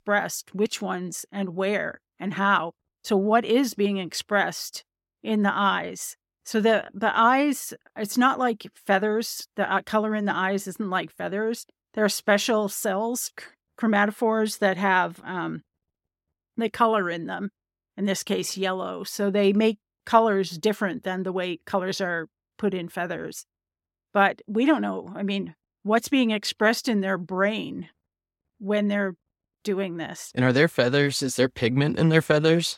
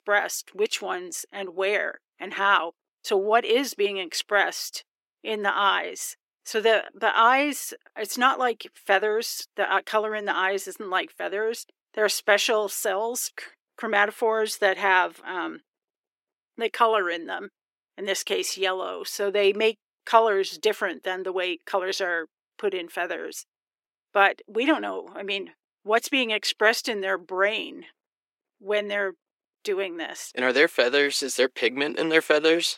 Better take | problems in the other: first | thin; somewhat; fading below 350 Hz

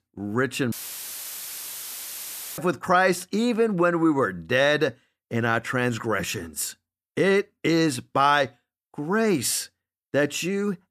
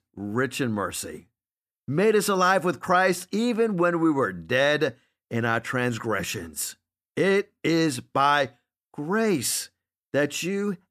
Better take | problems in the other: second | audio cutting out; filled with static; at 0.5 s for 2 s

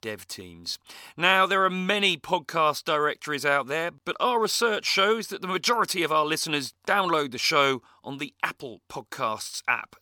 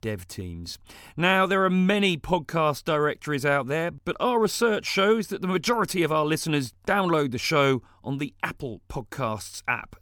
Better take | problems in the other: second | thin; somewhat; fading below 550 Hz

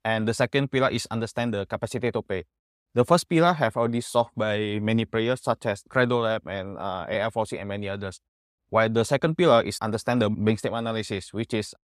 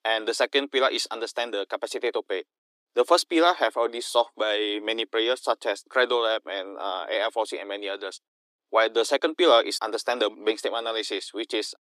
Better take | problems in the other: first | thin; very; fading below 300 Hz

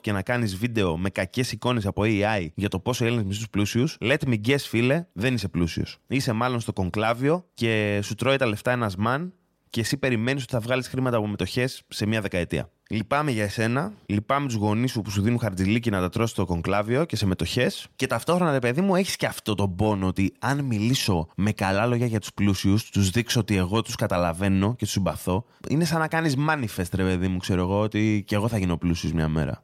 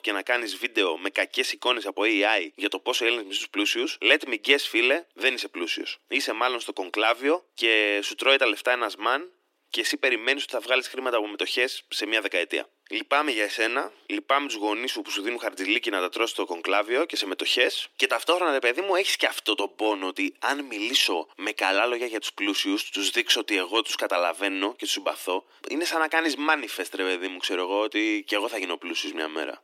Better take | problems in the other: first | thin; very; fading below 300 Hz

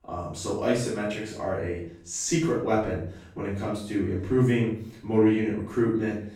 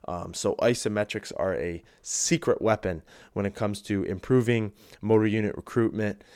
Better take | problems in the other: second | off-mic speech; far // room echo; noticeable; dies away in 0.5 s

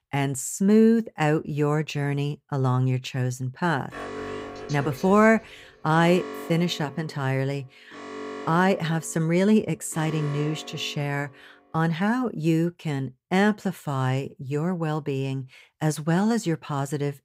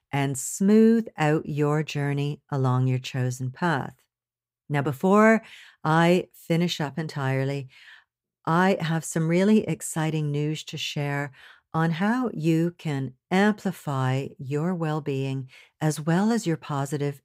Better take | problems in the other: second | alarm; noticeable; from 4 to 11 s; peak 9 dB below the speech

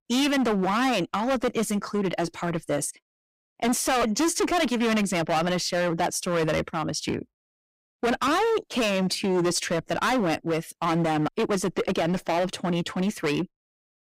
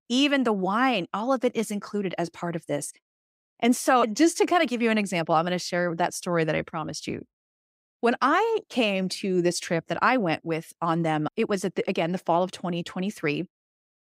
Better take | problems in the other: second | distortion; heavy; 18% of the sound clipped

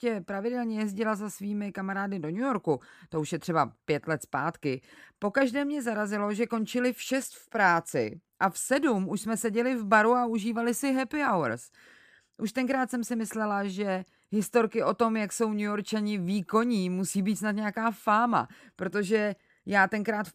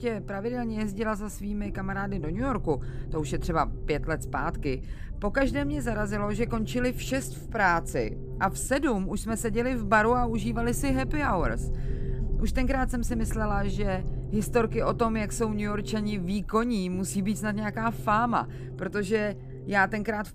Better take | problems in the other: first | low rumble; noticeable; throughout; 20 dB below the speech

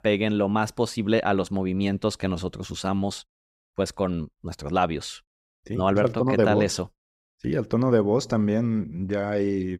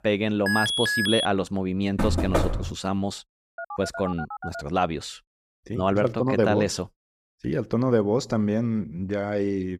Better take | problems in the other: first | alarm; loud; at 0.5 s; peak 3 dB above the speech // door banging; loud; at 2 s; peak 1 dB above the speech // phone ringing; noticeable; from 3.5 to 4.5 s; peak 10 dB below the speech

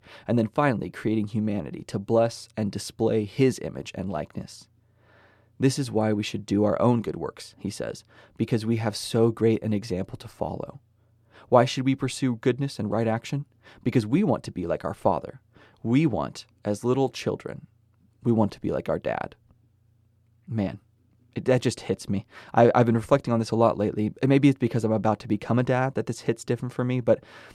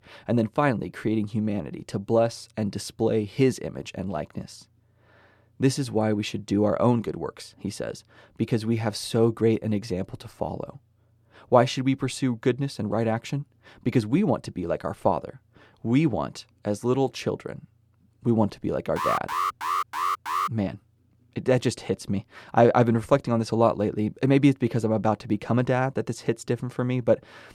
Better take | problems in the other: first | alarm; noticeable; from 19 to 20 s; peak 1 dB below the speech

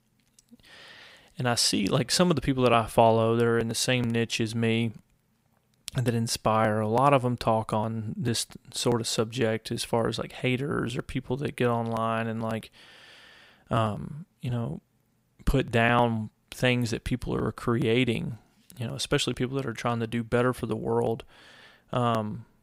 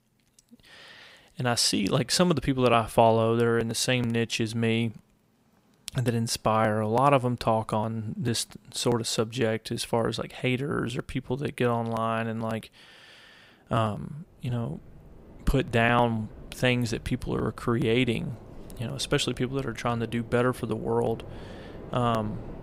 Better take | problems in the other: first | train or aircraft noise; noticeable; throughout; 20 dB below the speech

